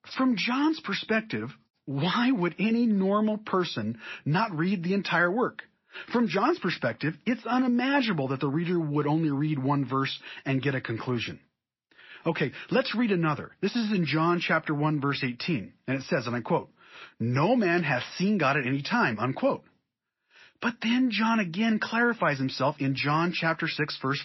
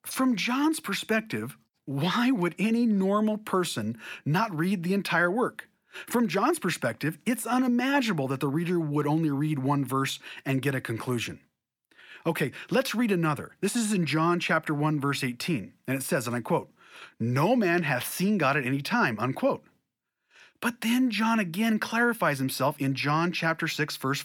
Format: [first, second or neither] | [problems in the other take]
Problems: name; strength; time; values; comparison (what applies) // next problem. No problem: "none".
second | garbled, watery; slightly; nothing above 5.5 kHz